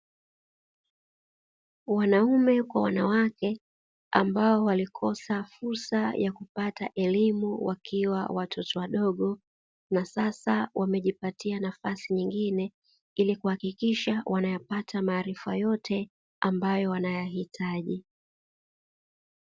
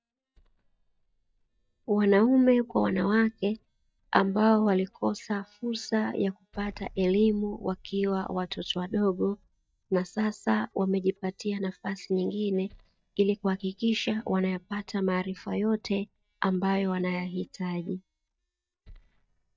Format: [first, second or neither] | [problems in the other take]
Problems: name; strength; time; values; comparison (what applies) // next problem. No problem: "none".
first | noise reduction (neural mask model DeepFilterNet 3)